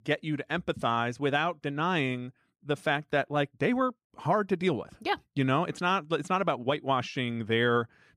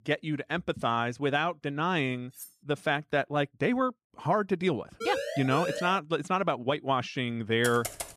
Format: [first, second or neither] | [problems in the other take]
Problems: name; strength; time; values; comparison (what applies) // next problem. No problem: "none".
first | clattering dishes; faint; at 2.5 s; peak 15 dB below the speech // siren; noticeable; at 5 s; peak 4 dB below the speech // keyboard typing; noticeable; at 7.5 s; peak 7 dB below the speech